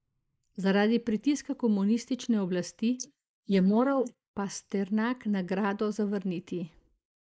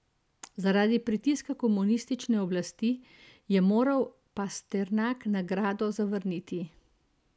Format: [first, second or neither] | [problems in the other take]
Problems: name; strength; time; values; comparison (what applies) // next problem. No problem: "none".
second | noise reduction (neural mask model Resemble Enhance denoiser)